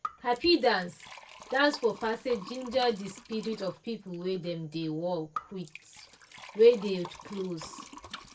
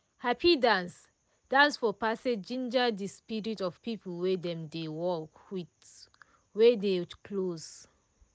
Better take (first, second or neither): second